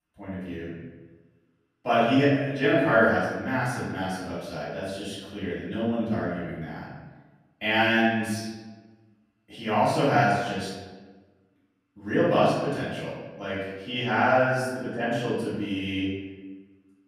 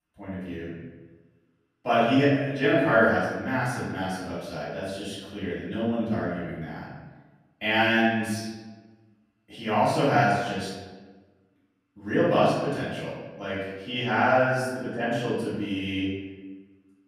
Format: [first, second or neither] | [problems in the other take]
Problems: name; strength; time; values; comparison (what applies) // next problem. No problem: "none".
neither | room echo; strong; dies away in 1.1 s; the same in both // off-mic speech; far; the same in both